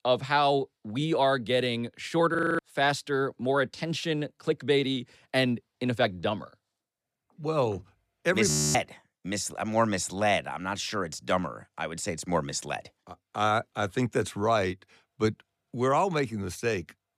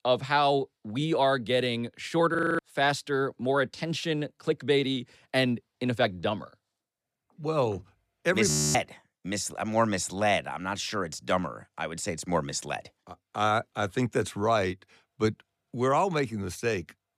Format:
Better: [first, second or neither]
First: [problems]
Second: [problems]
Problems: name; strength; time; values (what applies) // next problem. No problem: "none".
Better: neither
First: audio freezing; at 2.5 s and at 8.5 s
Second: audio freezing; at 2.5 s and at 8.5 s